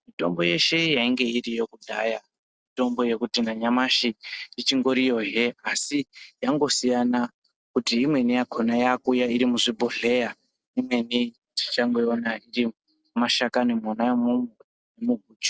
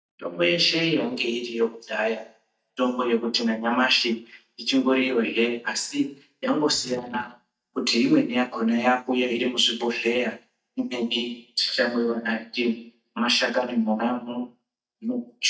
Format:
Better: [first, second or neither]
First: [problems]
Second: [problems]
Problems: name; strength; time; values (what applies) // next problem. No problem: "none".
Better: first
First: none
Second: noise reduction (neural mask model DeepFilterNet 3)